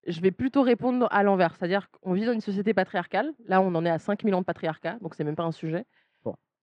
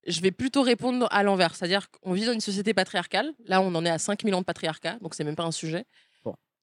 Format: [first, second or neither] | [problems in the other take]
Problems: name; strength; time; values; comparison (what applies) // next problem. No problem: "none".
second | muffled; very; fading above 1.5 kHz